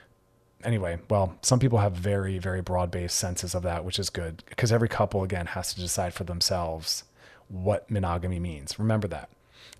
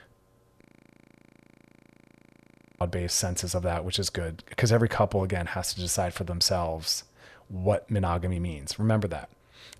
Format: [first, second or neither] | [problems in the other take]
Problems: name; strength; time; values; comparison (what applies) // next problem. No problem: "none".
first | audio freezing; at 0.5 s for 2 s